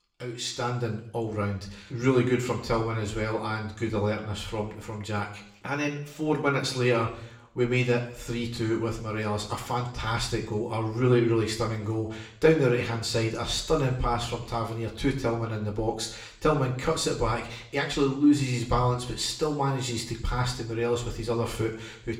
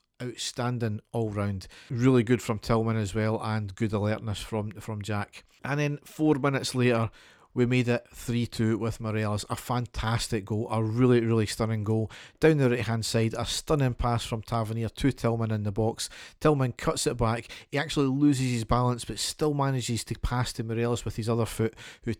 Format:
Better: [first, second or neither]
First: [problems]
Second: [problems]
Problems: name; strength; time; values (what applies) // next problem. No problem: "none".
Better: second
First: room echo; slight; dies away in 0.6 s // off-mic speech; somewhat distant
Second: none